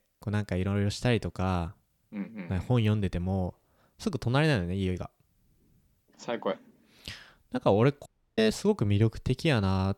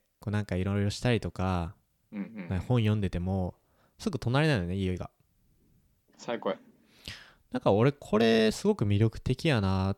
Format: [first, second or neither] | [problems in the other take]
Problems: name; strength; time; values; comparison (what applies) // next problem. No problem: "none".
second | audio cutting out; at 8 s